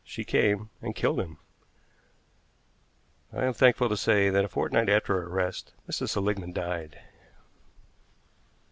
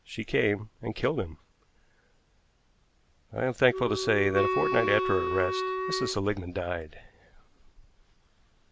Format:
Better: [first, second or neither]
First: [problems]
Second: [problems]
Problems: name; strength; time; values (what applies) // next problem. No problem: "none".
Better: first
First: none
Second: background sound (Wind instrument, woodwind instrument); as loud as the speech